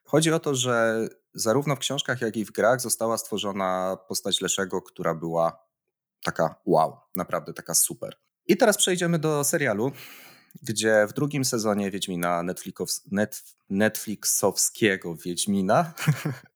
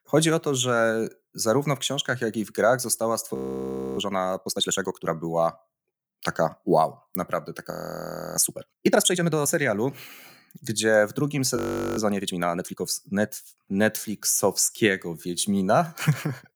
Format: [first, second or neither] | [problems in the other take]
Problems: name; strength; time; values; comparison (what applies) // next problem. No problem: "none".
first | audio freezing; at 3.5 s for 0.5 s, at 7.5 s for 0.5 s and at 12 s